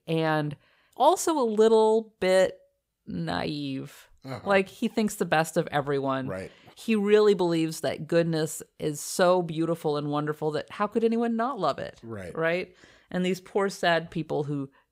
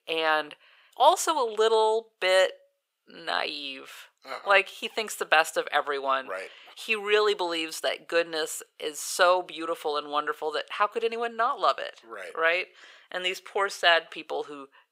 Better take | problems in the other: first | thin; very; fading below 500 Hz

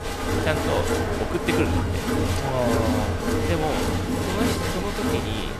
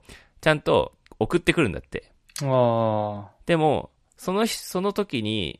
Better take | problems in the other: second | crowd noise; very loud; throughout; 4 dB above the speech

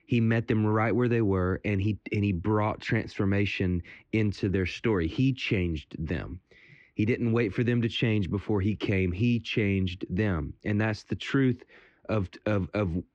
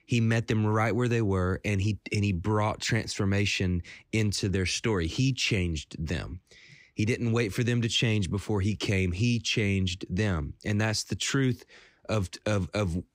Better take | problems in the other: second | muffled; slightly; fading above 2.5 kHz

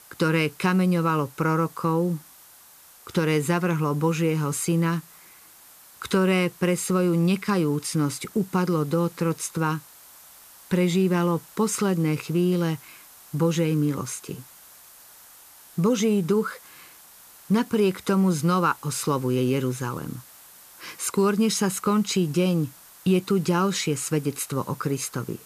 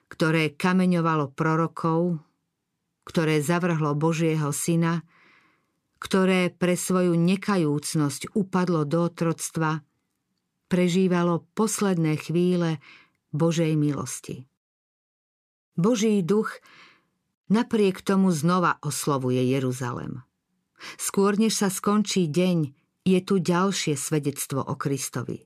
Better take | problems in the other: second | hiss; faint; throughout; 20 dB below the speech

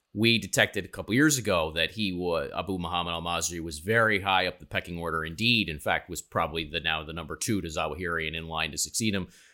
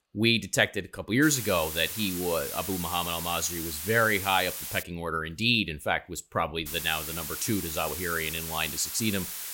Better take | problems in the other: first | hiss; loud; from 1 to 5 s and from 6.5 s on; 6 dB below the speech

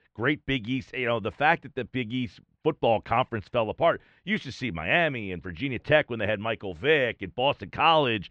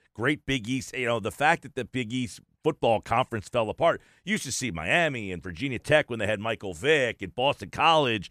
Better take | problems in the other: second | muffled; slightly; fading above 4 kHz

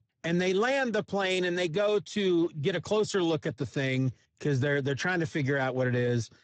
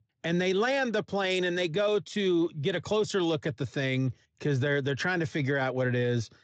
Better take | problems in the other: second | garbled, watery; badly; nothing above 8 kHz; slightly in the second

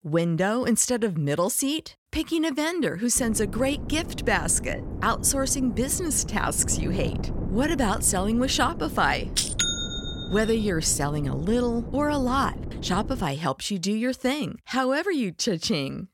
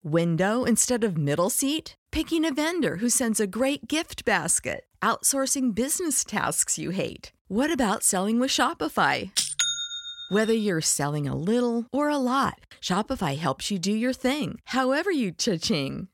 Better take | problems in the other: second | wind noise on the microphone; occasional gusts; from 3 to 13 s; 15 dB below the speech

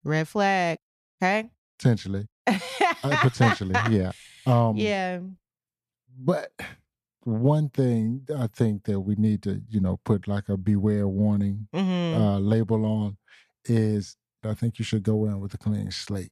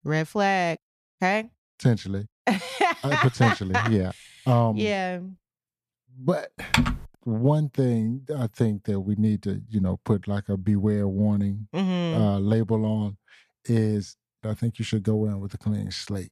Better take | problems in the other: first | keyboard typing; loud; at 6.5 s; peak 2 dB above the speech

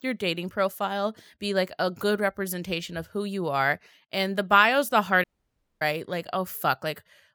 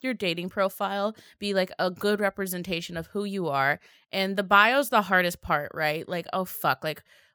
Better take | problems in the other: second | audio cutting out; at 5 s for 0.5 s

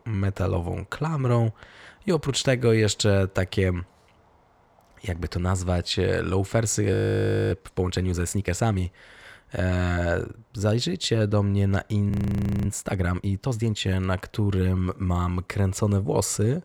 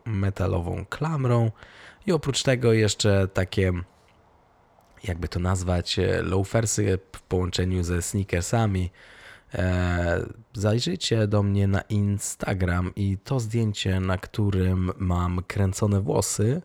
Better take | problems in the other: second | audio freezing; at 7 s for 0.5 s and at 12 s for 0.5 s

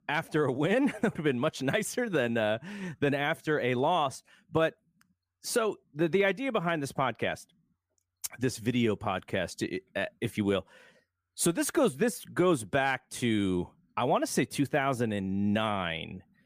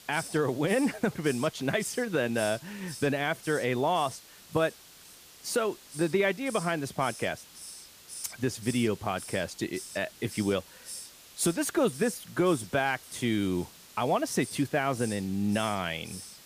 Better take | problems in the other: first | hiss; noticeable; throughout; 15 dB below the speech

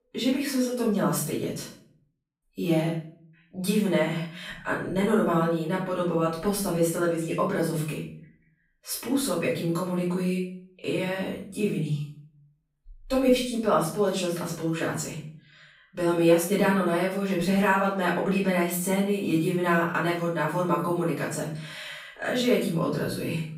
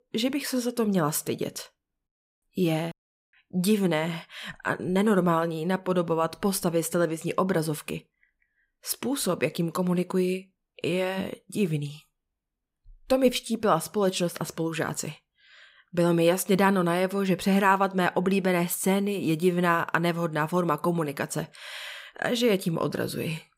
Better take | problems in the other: second | off-mic speech; far // room echo; noticeable; dies away in 0.5 s

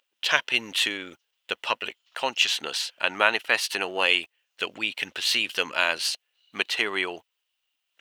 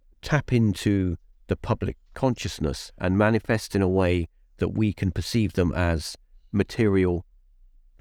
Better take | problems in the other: second | thin; very; fading below 1 kHz

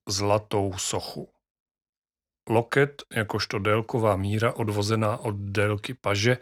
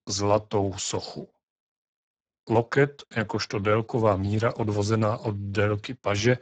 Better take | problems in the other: first | garbled, watery; badly; nothing above 7.5 kHz

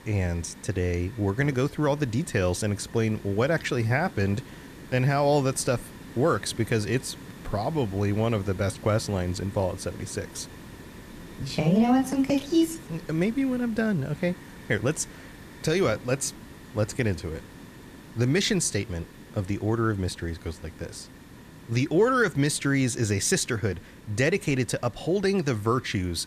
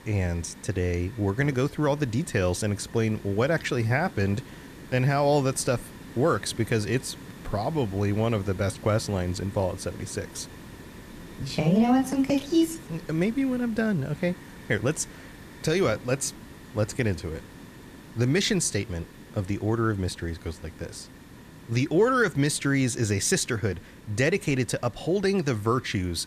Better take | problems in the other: neither | hiss; noticeable; throughout; 20 dB below the speech; the same in both

